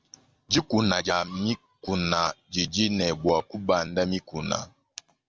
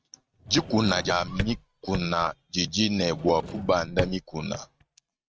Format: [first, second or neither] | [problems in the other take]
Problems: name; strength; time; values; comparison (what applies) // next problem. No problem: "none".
first | noise reduction (neural mask model RNNoise)